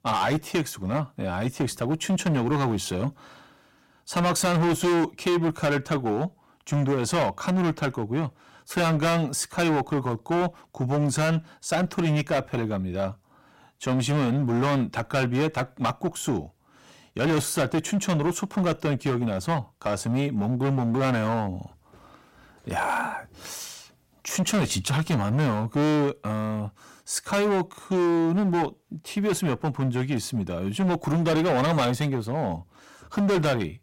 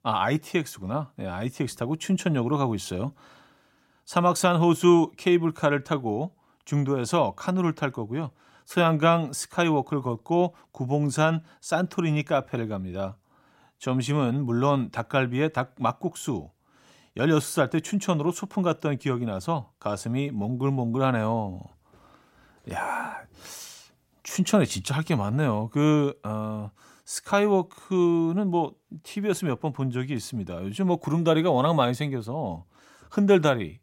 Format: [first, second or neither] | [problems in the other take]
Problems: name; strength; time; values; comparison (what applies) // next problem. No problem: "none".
second | distortion; heavy; 15% of the sound clipped